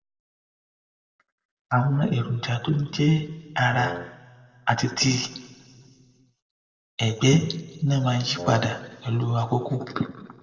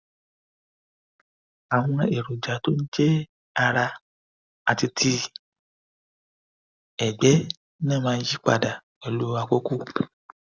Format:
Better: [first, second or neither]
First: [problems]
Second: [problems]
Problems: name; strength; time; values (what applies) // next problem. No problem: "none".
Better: second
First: background sound (Wind instrument, woodwind instrument); 11 dB below the speech // room echo; dies away in 1.3 s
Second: none